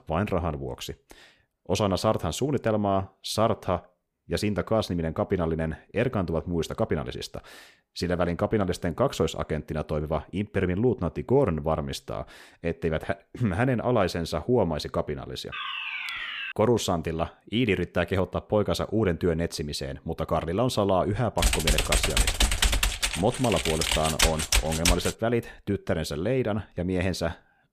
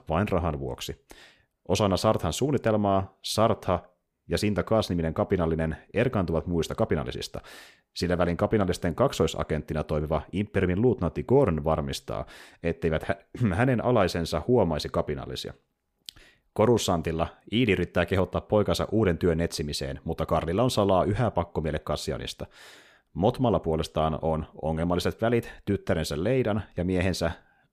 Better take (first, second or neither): second